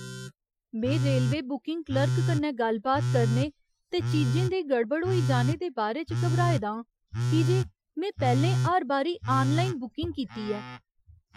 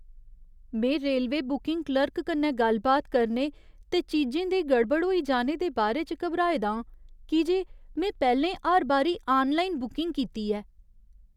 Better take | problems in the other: second | noise reduction (classical method Wiener filter)

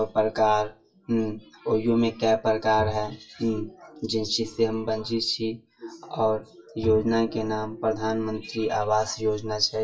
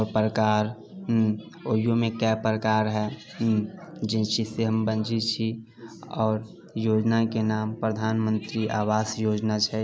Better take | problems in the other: second | noise reduction (classical method WPE with log-MMSE)

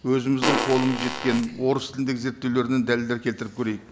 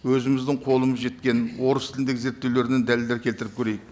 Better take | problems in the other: second | background sound (Fart); 3 dB below the speech

